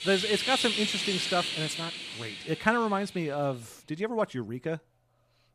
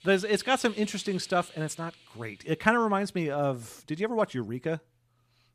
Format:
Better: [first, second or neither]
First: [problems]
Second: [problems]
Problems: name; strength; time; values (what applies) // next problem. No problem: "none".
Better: second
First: animal sounds; loud; throughout; as loud as the speech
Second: animal sounds; faint; throughout; 20 dB below the speech